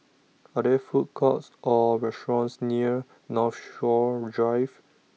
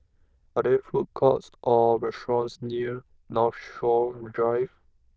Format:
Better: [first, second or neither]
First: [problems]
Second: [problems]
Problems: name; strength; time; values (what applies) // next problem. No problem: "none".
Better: first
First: none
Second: noise reduction (neural diffusion model UNIVERSE++)